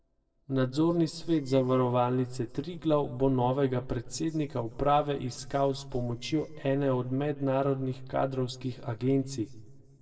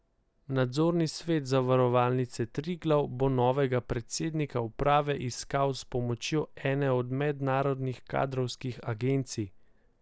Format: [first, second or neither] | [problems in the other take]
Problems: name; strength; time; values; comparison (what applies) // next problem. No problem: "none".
second | noise reduction (neural separator model SepFormer DNS4)